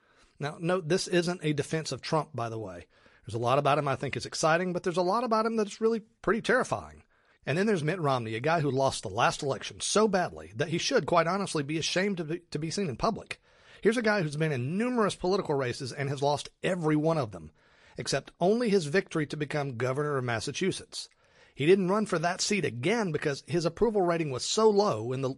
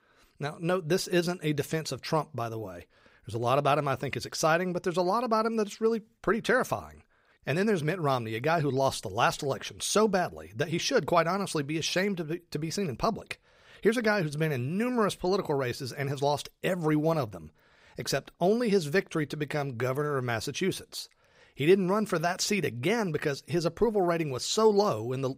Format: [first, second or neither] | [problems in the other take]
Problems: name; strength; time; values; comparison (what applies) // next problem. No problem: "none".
second | garbled, watery; slightly; nothing above 11 kHz